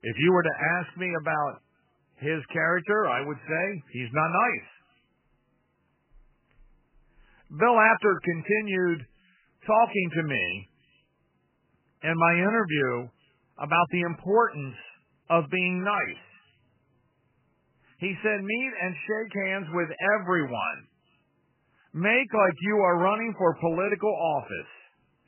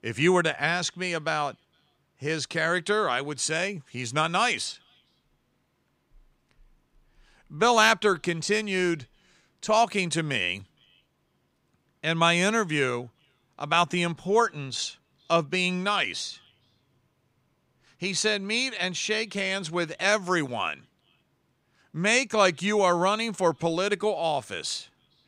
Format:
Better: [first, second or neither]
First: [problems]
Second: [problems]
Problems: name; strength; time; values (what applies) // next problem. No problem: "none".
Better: second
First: garbled, watery; badly; nothing above 2.5 kHz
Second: none